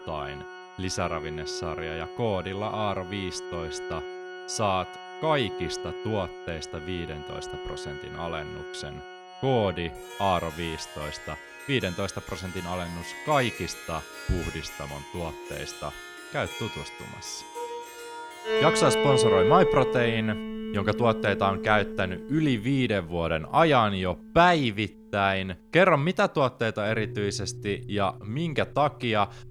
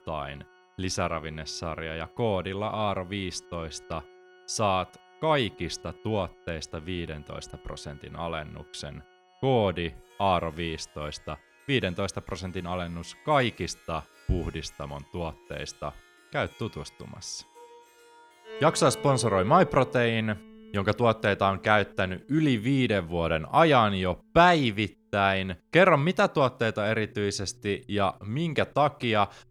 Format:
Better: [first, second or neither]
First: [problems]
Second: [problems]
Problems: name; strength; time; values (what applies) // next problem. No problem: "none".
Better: second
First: background music; loud; throughout; 7 dB below the speech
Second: background music; faint; throughout; 20 dB below the speech